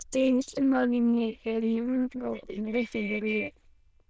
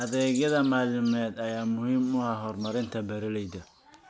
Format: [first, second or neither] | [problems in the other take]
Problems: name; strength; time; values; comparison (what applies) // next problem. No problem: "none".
second | noise reduction (neural diffusion model UNIVERSE++)